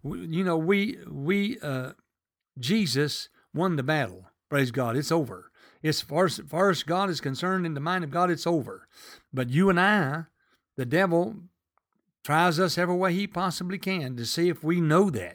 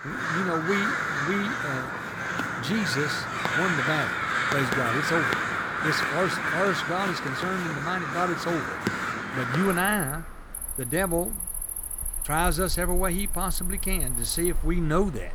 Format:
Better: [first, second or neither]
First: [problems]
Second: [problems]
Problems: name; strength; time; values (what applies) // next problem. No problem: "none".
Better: first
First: none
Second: animal sounds; very loud; throughout; 1 dB above the speech